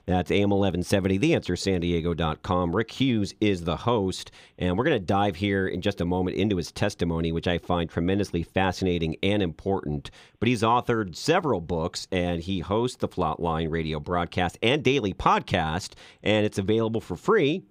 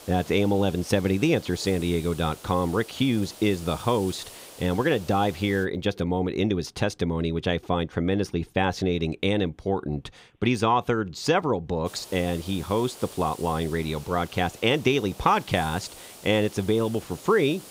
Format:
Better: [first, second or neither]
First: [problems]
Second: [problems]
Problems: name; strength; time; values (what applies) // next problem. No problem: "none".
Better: first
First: none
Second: hiss; noticeable; until 5.5 s and from 12 s on; 20 dB below the speech